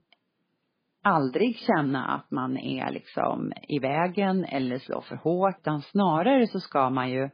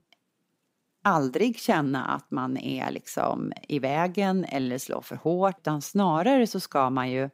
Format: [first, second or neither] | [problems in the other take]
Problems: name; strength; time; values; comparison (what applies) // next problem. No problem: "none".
second | garbled, watery; badly